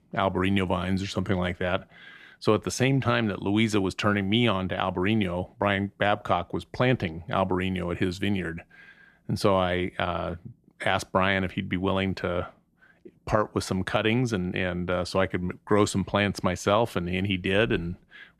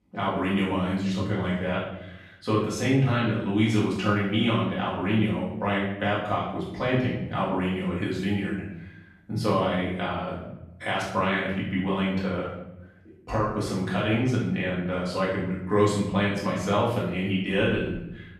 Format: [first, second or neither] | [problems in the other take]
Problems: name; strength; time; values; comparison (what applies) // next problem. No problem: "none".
first | off-mic speech; far // room echo; noticeable; dies away in 0.8 s